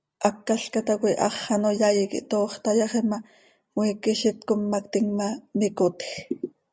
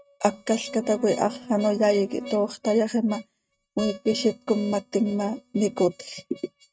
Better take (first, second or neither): first